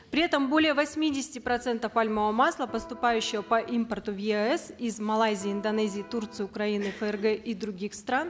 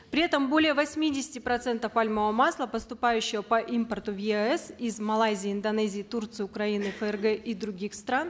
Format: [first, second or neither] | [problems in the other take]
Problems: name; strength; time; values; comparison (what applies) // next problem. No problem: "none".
second | background sound (Electric guitar); 17 dB below the speech